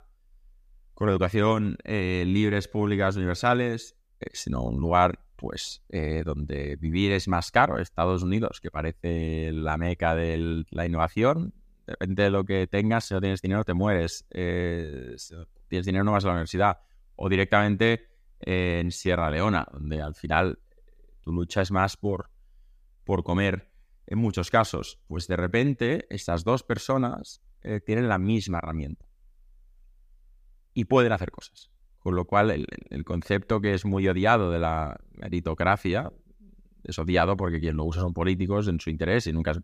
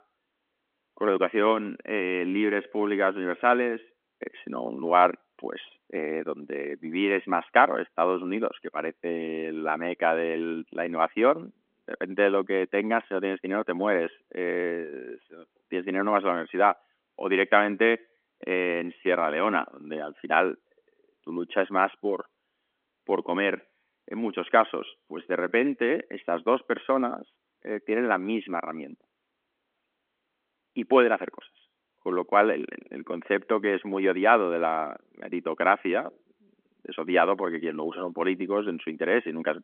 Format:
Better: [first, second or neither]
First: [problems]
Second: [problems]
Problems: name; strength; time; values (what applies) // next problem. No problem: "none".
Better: first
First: none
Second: phone-call audio; nothing above 3.5 kHz